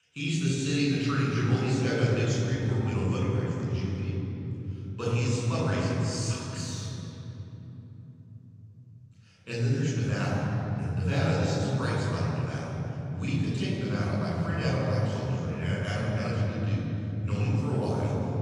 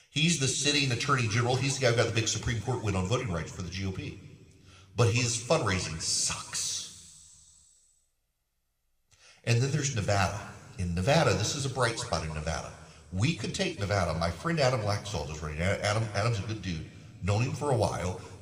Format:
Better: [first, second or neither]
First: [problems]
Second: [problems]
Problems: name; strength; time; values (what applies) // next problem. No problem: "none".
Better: second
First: room echo; strong; dies away in 3 s // off-mic speech; far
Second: room echo; slight; dies away in 2.6 s